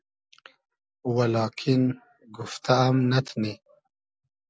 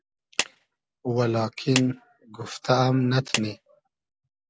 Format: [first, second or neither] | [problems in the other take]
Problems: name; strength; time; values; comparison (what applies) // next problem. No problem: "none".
first | background sound (Clapping); 9 dB below the speech